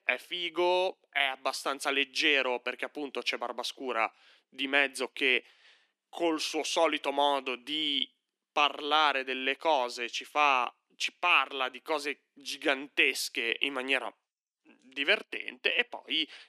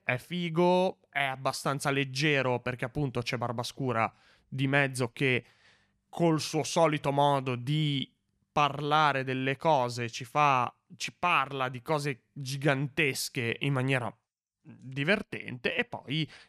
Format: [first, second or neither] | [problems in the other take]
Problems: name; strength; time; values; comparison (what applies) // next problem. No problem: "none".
second | thin; somewhat; fading below 300 Hz